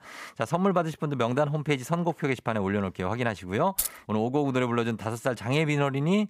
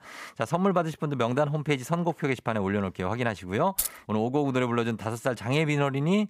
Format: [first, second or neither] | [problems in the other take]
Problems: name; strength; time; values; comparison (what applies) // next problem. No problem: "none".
neither | jangling keys; noticeable; at 4 s; peak 2 dB below the speech; the same in both